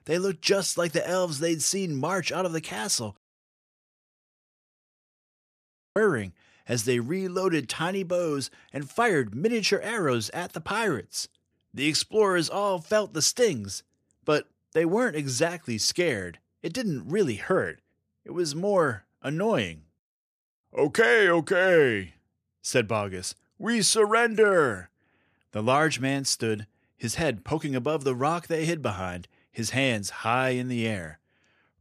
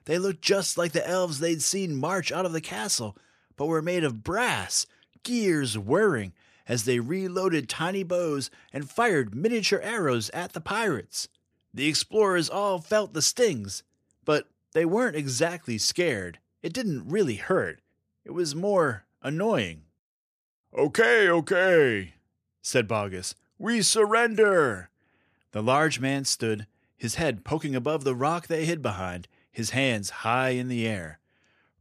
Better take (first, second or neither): second